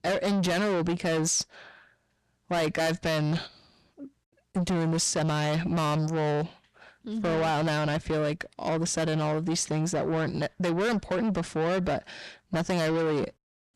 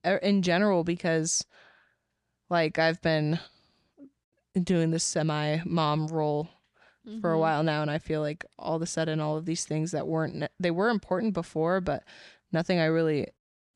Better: second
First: distortion; heavy; 6 dB below the speech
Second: none

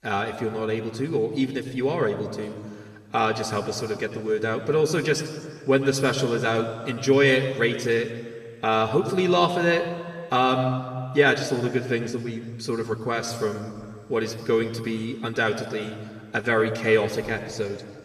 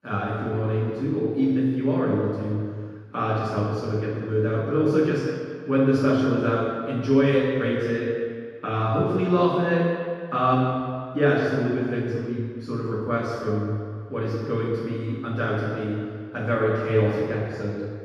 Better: first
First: room echo; slight; dies away in 2.1 s // off-mic speech; somewhat distant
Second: room echo; strong; dies away in 1.8 s // off-mic speech; far

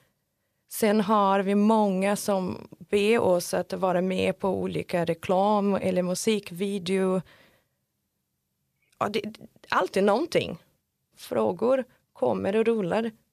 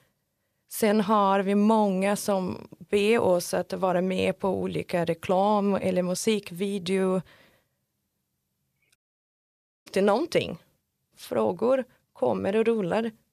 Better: first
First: none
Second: audio cutting out; at 9 s for 1 s

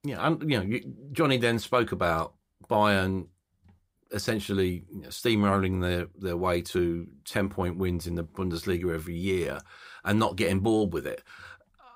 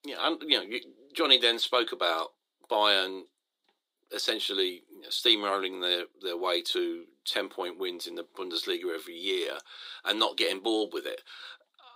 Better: first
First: none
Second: thin; very; fading below 300 Hz

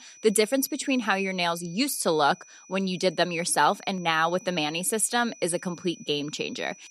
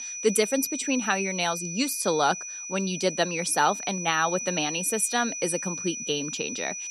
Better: first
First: high-pitched whine; faint; throughout; 6 kHz, 20 dB below the speech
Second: high-pitched whine; loud; throughout; 6 kHz, 6 dB below the speech

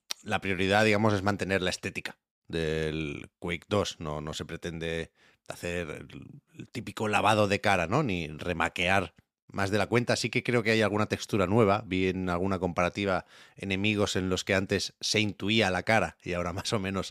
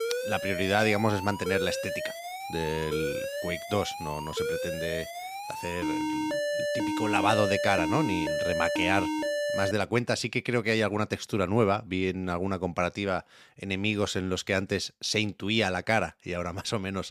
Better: first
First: none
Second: alarm; loud; until 9.5 s; peak level with the speech

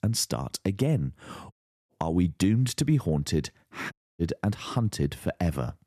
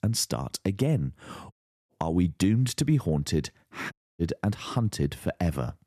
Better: neither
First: audio cutting out; at 1.5 s and at 4 s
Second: audio cutting out; at 1.5 s and at 4 s

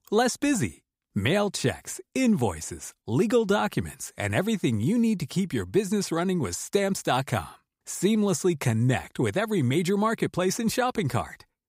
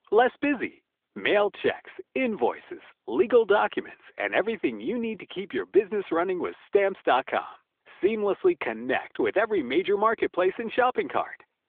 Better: first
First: none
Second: phone-call audio; nothing above 3.5 kHz

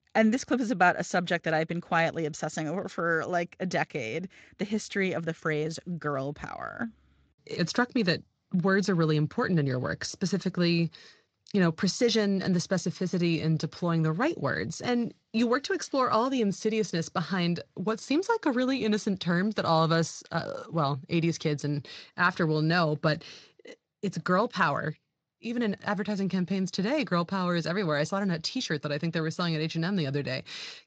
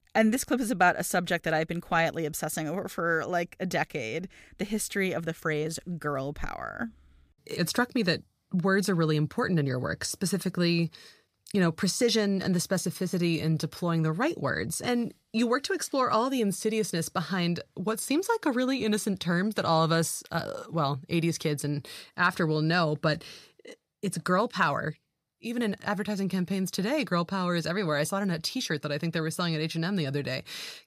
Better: second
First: garbled, watery; slightly; nothing above 7.5 kHz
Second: none

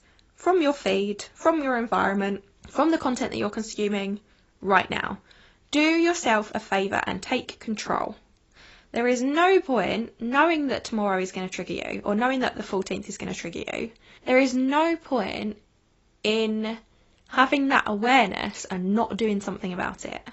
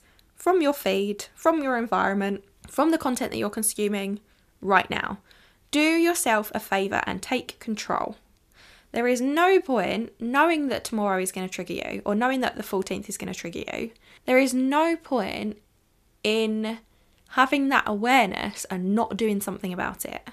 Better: second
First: garbled, watery; badly; nothing above 8 kHz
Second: none

